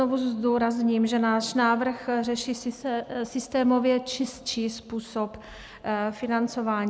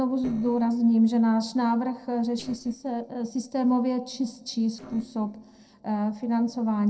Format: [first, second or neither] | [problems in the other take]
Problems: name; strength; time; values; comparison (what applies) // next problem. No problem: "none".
first | noise reduction (neural separator model SepFormer DNS4)